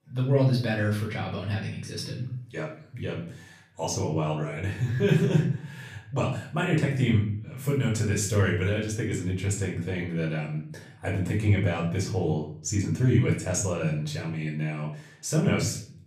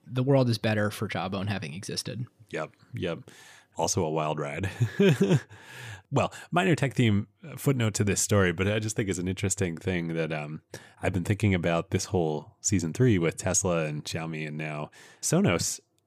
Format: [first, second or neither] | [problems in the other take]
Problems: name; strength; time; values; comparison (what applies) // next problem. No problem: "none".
second | off-mic speech; far // room echo; slight; dies away in 0.5 s